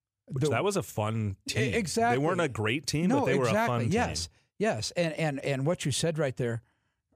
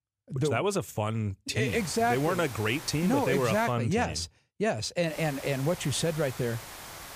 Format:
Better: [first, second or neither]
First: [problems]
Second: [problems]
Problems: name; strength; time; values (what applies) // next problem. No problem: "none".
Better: first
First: none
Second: hiss; noticeable; from 1.5 to 3.5 s and from 5 s on; 15 dB below the speech